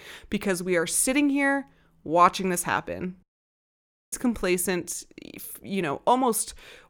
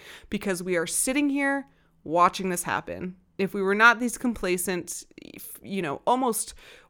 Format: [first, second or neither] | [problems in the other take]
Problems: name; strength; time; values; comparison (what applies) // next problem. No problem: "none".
second | audio cutting out; at 3 s for 1 s